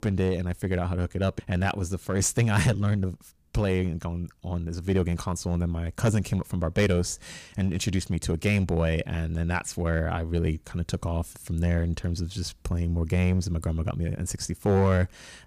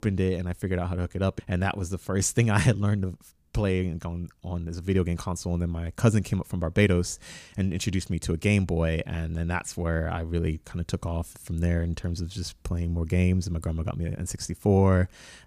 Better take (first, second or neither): second